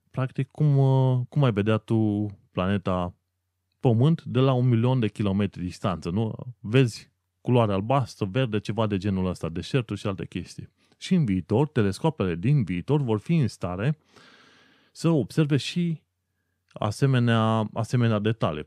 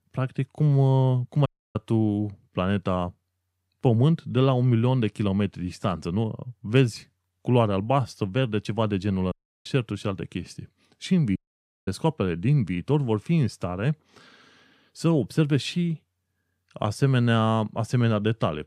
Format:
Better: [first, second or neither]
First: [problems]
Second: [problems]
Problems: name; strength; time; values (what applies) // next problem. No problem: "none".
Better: first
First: none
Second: audio cutting out; at 1.5 s, at 9.5 s and at 11 s for 0.5 s